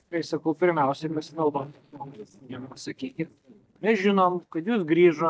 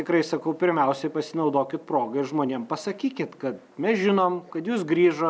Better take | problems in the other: second | noise reduction (neural mask model DeepFilterNet 3)

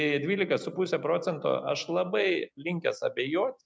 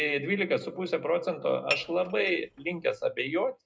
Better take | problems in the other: first | background sound (Dishes, pots, and pans / Chink, clink); 9 dB below the speech // room echo; dies away in 0.2 s

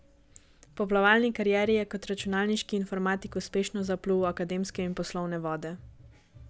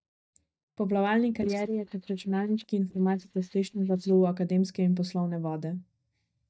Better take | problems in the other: first | noise reduction (neural mask model DeepFilterNet 3)

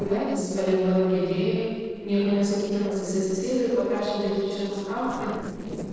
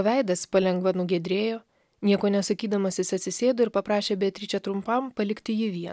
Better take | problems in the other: second | noise reduction (neural separator model SepFormer DNS4)

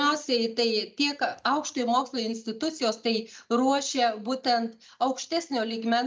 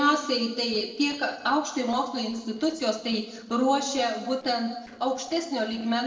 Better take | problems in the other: first | noise reduction (neural separator model SepFormer DNS4)

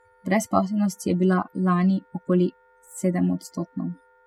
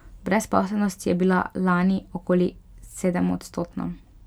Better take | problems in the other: second | noise reduction (classical method spectral subtraction)

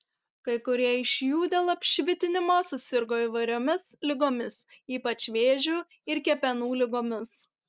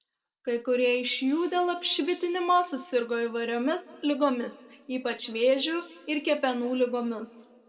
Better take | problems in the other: first | room echo; dies away in 1.3 s

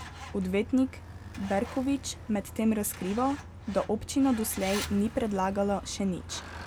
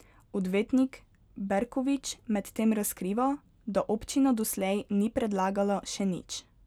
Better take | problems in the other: second | background sound (Truck); 12 dB below the speech

